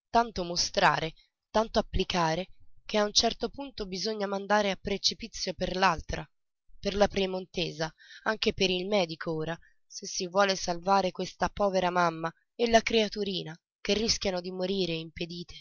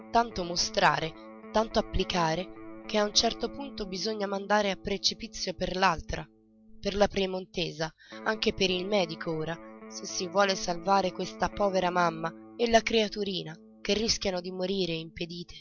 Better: first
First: none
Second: background sound (Electric guitar); 18 dB below the speech

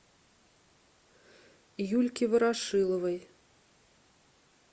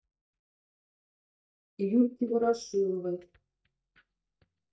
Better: first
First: none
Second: noise reduction (neural mask model DeepFilterNet 3)

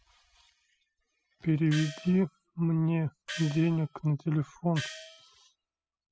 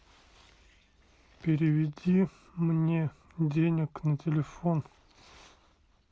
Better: second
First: noise reduction (classical method spectral subtraction)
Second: none

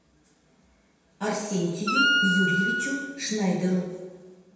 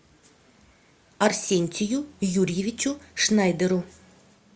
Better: second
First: background sound (Wind instrument, woodwind instrument); 3 dB above the speech // room echo; dies away in 1.1 s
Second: none

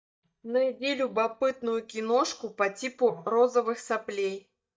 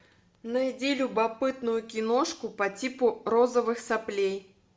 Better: second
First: noise reduction (neural mask model DeepFilterNet 3)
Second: none

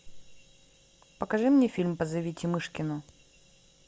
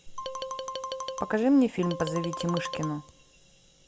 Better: first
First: none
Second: background sound (Marimba, xylophone); 8 dB below the speech

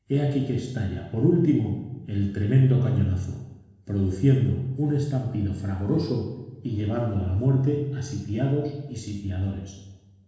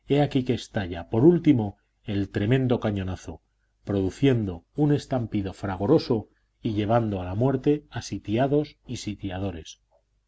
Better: second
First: room echo; dies away in 1.1 s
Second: none

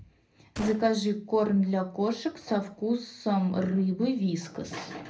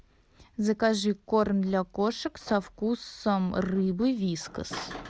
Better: second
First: background sound (Gunshot, gunfire); 17 dB below the speech // room echo; dies away in 0.3 s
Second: none

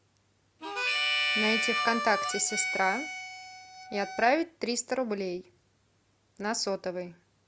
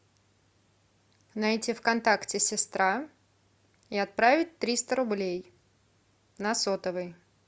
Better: second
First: background sound (Harmonica); 1 dB above the speech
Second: none

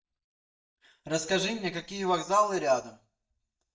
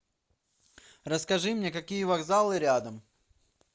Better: second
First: noise reduction (neural mask model DeepFilterNet 3)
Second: none

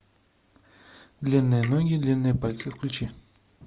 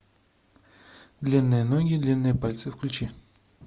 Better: second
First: background sound (Tick); 20 dB below the speech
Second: none

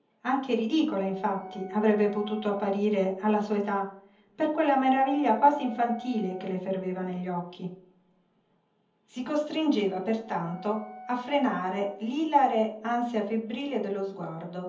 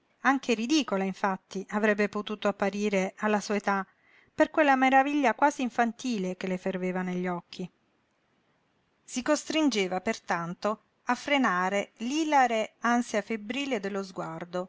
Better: second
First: background sound (Wind instrument, woodwind instrument); 18 dB below the speech // room echo; dies away in 0.7 s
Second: none

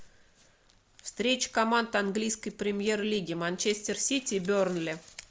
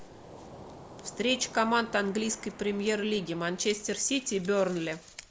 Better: first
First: none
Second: background sound (Waves, surf); 18 dB below the speech

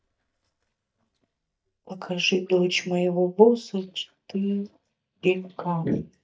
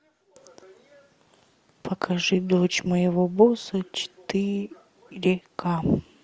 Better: second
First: noise reduction (neural mask model DeepFilterNet 3)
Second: none

